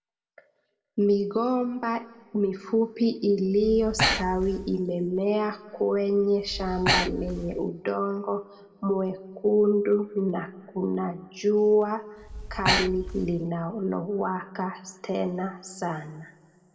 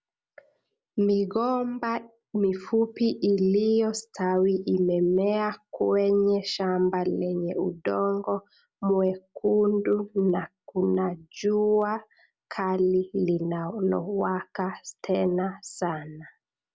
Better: second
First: background sound (Breathing); 3 dB below the speech // room echo; dies away in 1.5 s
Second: none

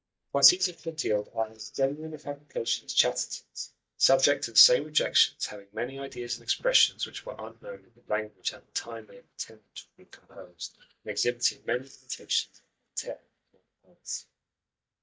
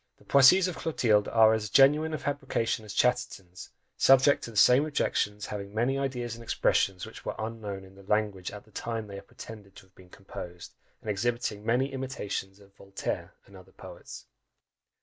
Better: second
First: noise reduction (neural mask model DeepFilterNet 3)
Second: none

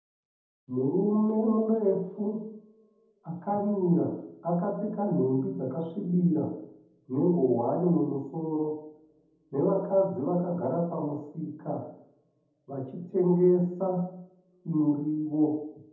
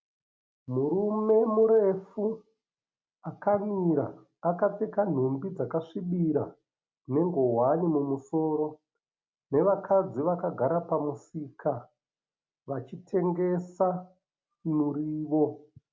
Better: second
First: room echo; dies away in 0.8 s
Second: none

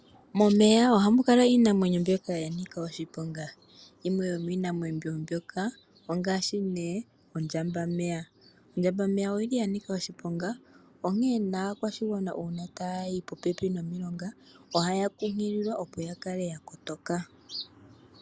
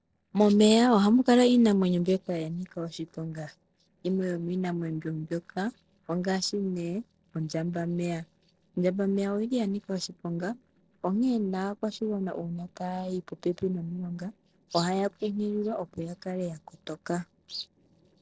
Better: first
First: none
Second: noise reduction (neural separator model SepFormer DNS4)

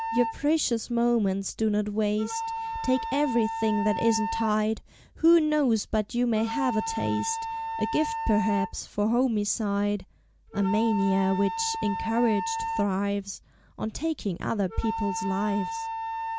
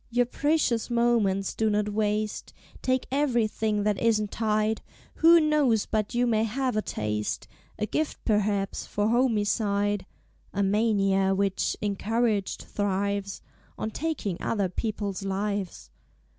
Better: second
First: background sound (Wind instrument, woodwind instrument); 7 dB below the speech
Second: none

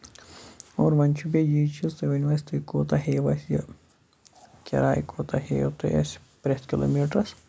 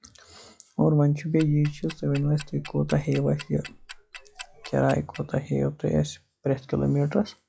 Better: first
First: none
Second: noise reduction (classical method log-MMSE)

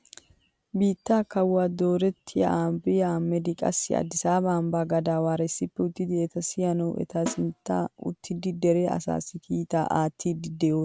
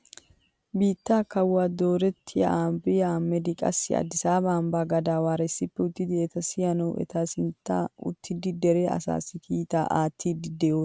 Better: second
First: background sound (Snare drum); 14 dB below the speech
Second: none

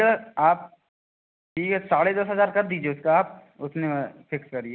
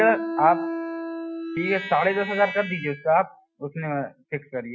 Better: first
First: none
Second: noise reduction (classical method Wiener filter)

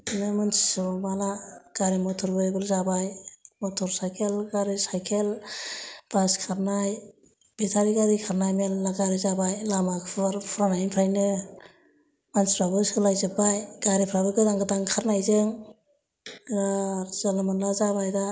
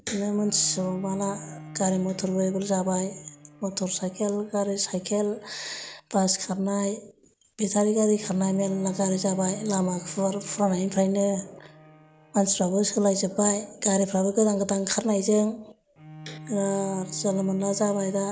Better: first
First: none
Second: background sound (Bowed string instrument); 20 dB below the speech

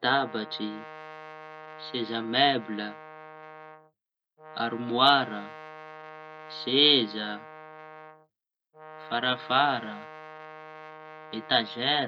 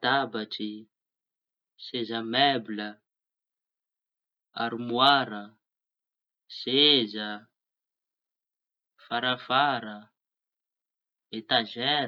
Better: second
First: background sound (Brass instrument); 15 dB below the speech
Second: none

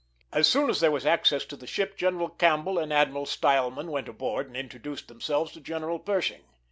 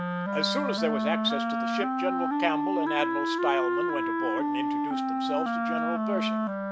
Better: first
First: none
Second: background sound (Wind instrument, woodwind instrument); 5 dB above the speech

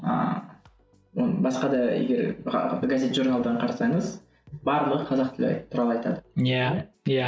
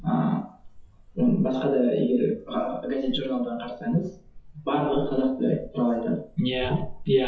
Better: first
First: none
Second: noise reduction (classical method WPE with log-MMSE)

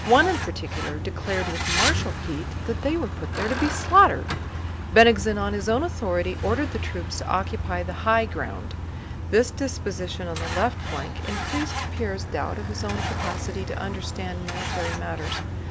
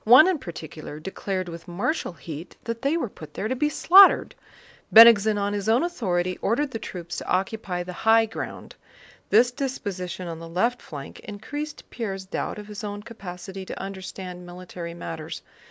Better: second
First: background sound (Truck); 3 dB below the speech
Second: none

